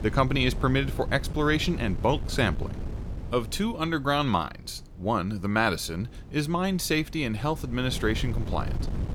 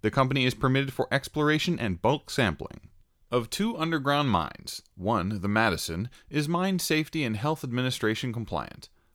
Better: second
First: wind noise on the microphone; occasional gusts; 20 dB below the speech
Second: none

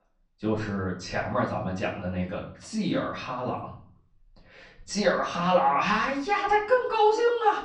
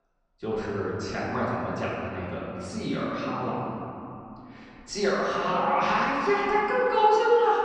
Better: first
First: room echo; slight; dies away in 0.5 s // off-mic speech; far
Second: room echo; strong; dies away in 2.8 s // off-mic speech; far

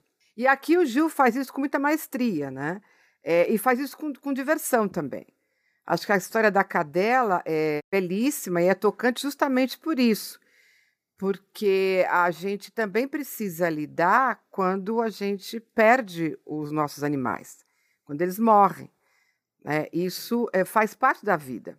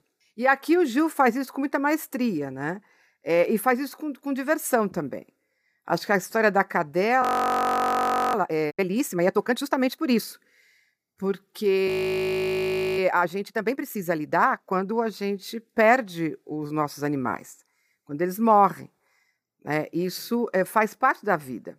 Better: first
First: none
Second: audio freezing; at 7 s for 1 s and at 12 s for 1 s

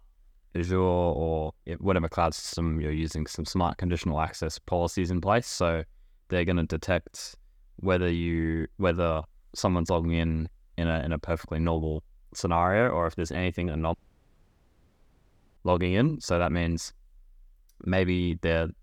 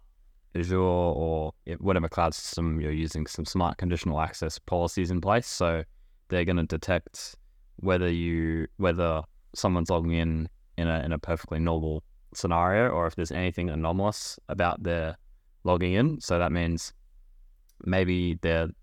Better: second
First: audio cutting out; at 14 s for 1.5 s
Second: none

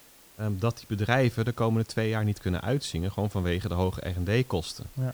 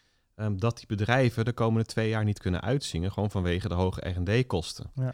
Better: second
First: hiss; faint; throughout; 25 dB below the speech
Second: none

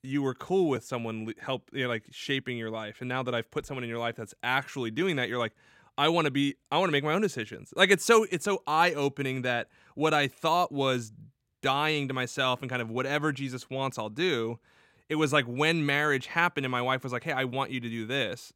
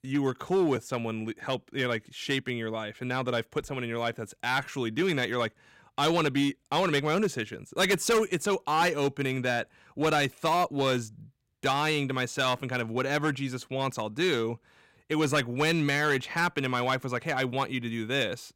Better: first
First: none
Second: distortion; slight; 5% of the sound clipped

